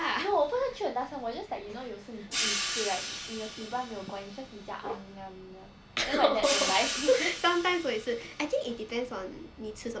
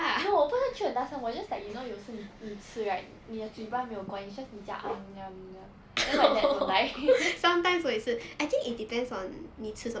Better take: second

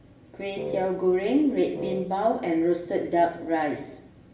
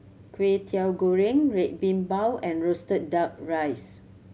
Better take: second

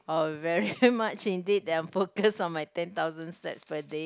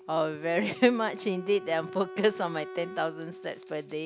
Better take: first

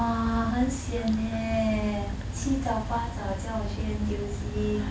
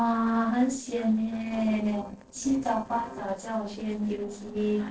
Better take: first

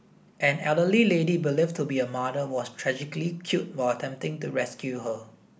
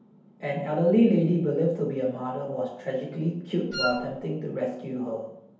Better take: first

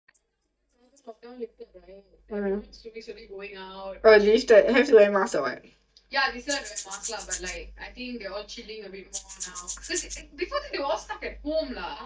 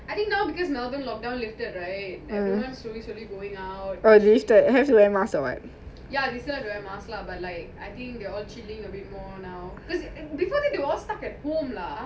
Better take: second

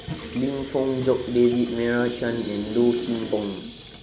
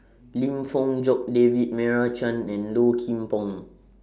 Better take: second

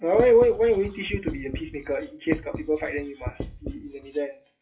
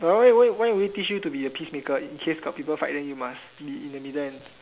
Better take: second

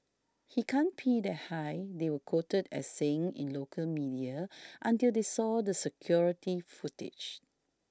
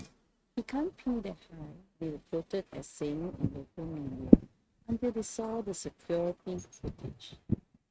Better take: first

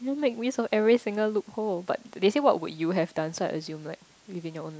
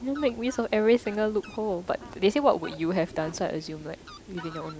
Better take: first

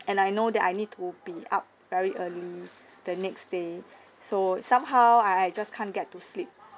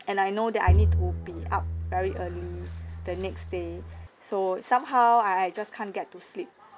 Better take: first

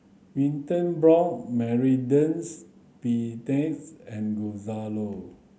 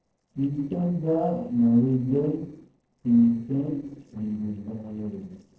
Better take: first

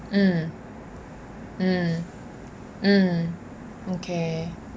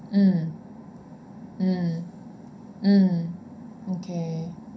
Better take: first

